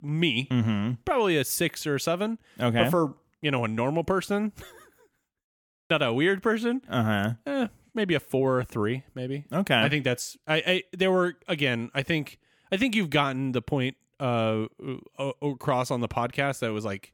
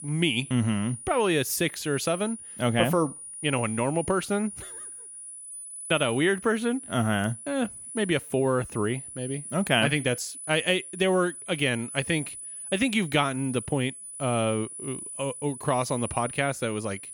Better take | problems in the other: first | high-pitched whine; noticeable; throughout; 10 kHz, 10 dB below the speech

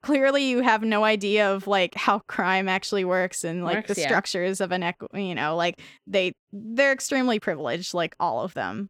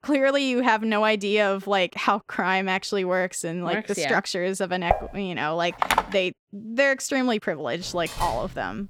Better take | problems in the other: first | clattering dishes; noticeable; at 5 s; peak 2 dB below the speech // phone ringing; loud; at 6 s; peak 1 dB above the speech // door banging; noticeable; from 8 s on; peak 10 dB below the speech

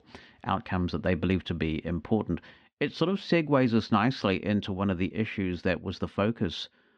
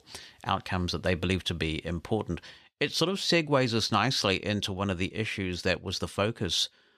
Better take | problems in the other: second | muffled; slightly; fading above 2.5 kHz

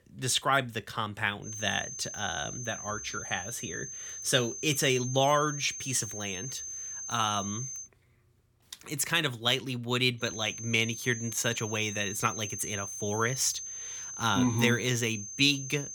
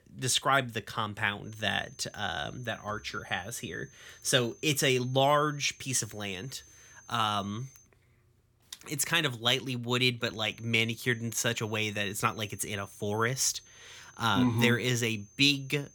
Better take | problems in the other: second | high-pitched whine; loud; from 1.5 to 8 s and from 10 s on; 6.5 kHz, 8 dB below the speech; faint in the second

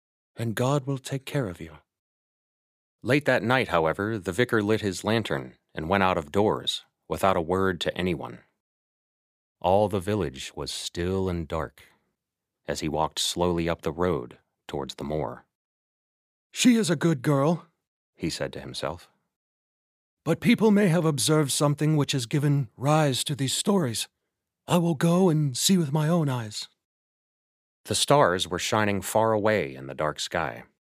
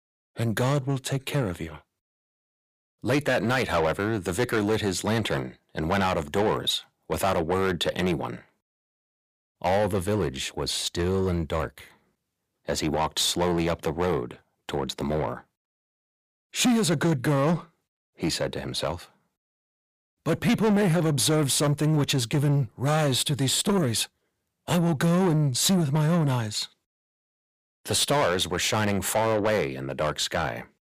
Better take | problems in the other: first | distortion; heavy; 7 dB below the speech

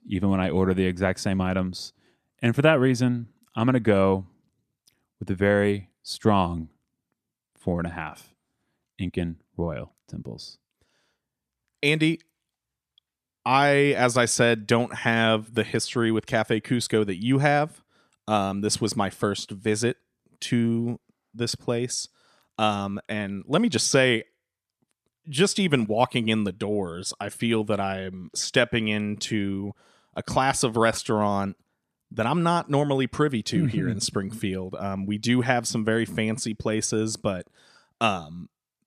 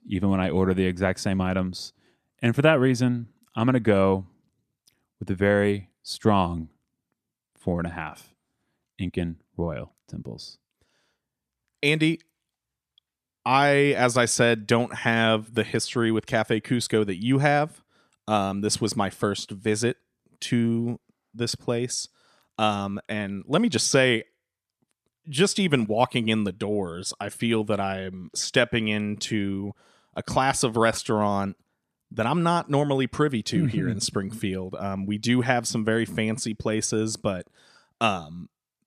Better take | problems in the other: neither | none

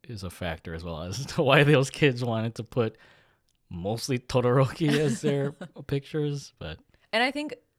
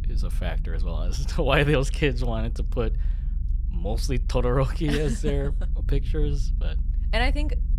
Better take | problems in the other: first | low rumble; faint; throughout; 20 dB below the speech

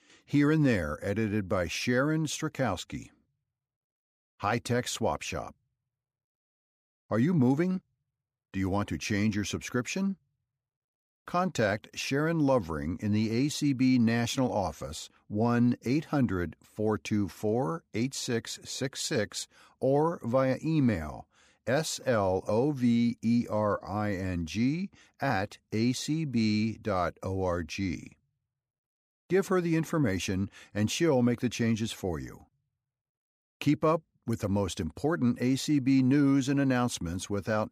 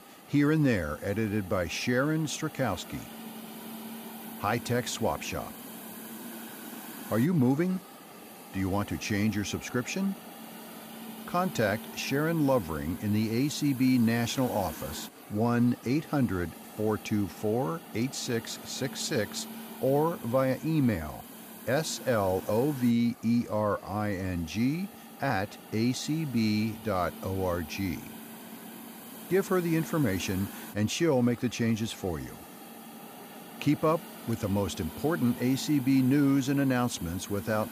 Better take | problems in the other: first | hiss; noticeable; throughout; 15 dB below the speech

